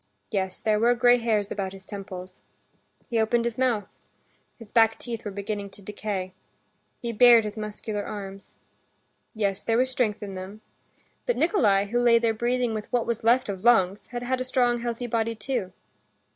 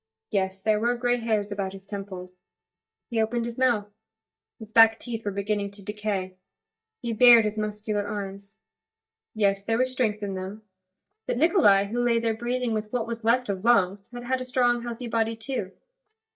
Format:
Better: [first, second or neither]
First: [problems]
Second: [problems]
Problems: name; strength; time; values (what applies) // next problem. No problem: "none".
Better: first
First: none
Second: noise reduction (neural mask model DeepFilterNet 3)